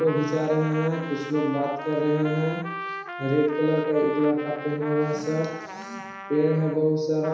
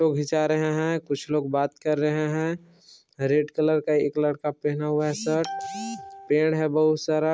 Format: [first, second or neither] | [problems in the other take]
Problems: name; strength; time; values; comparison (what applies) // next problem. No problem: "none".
second | background sound (Trumpet); 12 dB below the speech // room echo; dies away in 1 s